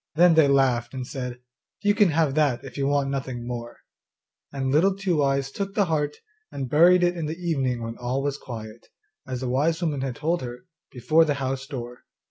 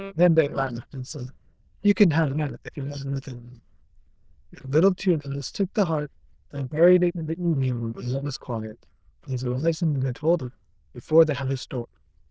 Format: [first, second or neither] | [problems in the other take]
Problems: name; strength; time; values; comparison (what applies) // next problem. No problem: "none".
first | noise reduction (neural diffusion model UNIVERSE++)